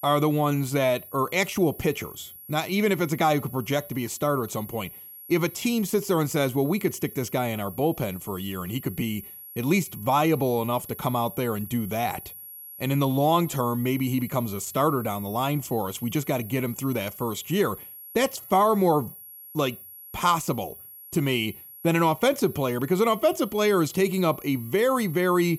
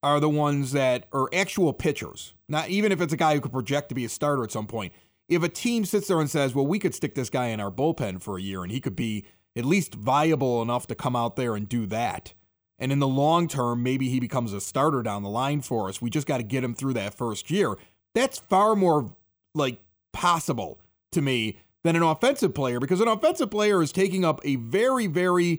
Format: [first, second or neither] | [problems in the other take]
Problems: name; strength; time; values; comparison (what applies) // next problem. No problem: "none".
second | high-pitched whine; noticeable; throughout; 11.5 kHz, 15 dB below the speech